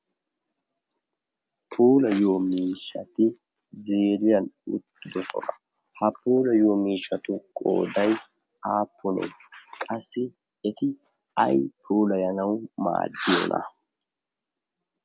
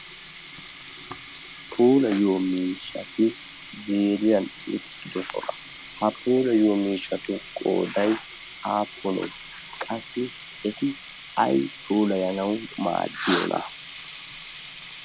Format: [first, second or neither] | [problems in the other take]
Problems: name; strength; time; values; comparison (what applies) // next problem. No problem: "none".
first | background sound (Sink (filling or washing)); 16 dB below the speech